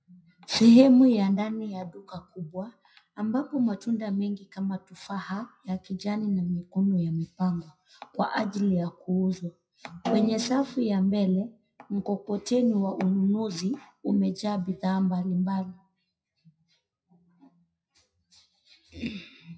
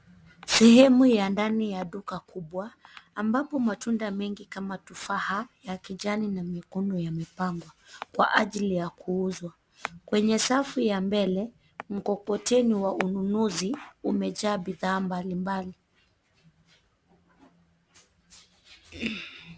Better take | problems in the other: second | noise reduction (classical method WPE with log-MMSE)

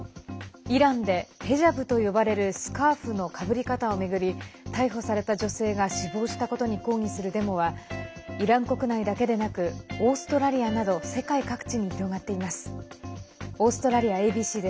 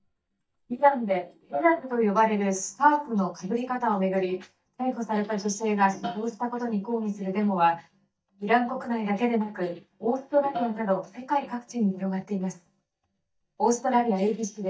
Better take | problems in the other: first | noise reduction (neural mask model DeepFilterNet 3)

